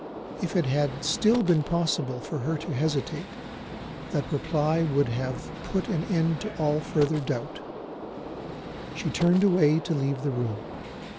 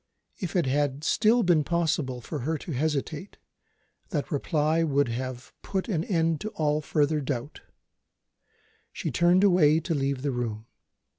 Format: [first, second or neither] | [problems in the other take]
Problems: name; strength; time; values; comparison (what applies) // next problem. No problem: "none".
second | background sound (Gunshot, gunfire); 10 dB below the speech